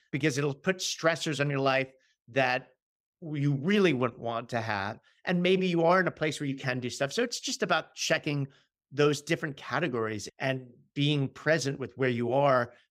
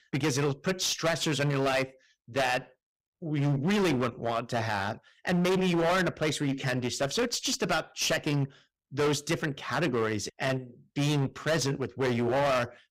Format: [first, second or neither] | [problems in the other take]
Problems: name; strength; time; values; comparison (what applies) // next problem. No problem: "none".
first | distortion; heavy; 17% of the sound clipped